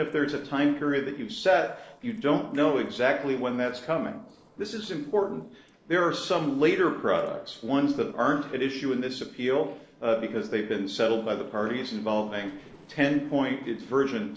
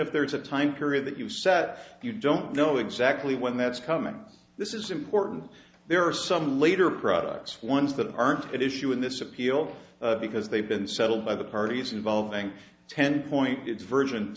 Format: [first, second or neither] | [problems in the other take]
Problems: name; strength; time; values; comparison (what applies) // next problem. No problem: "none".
second | noise reduction (neural separator model SepFormer DNS4)